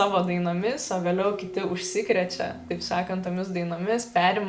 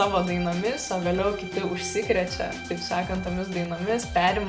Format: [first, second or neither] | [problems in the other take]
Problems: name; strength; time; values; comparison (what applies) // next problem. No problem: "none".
first | background sound (Drum kit + Bowed string instrument); 11 dB below the speech